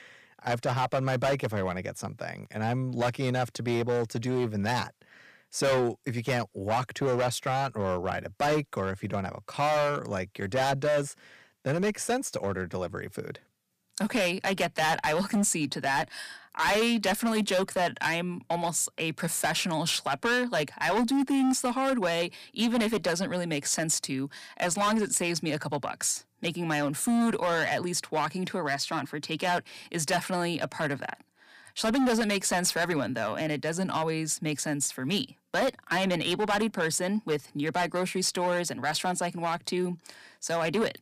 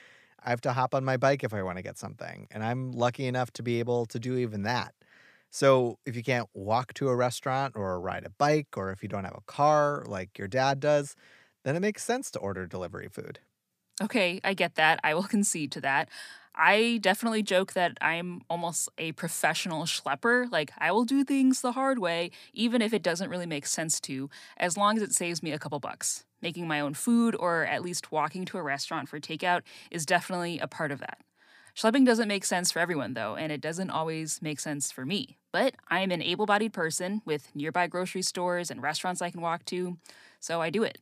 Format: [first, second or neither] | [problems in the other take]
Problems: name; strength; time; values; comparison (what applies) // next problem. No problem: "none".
second | distortion; heavy; 10% of the sound clipped